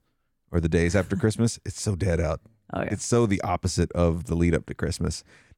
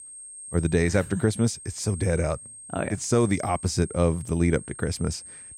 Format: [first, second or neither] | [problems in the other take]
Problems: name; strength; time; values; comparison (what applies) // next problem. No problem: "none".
first | high-pitched whine; noticeable; throughout; 8.5 kHz, 15 dB below the speech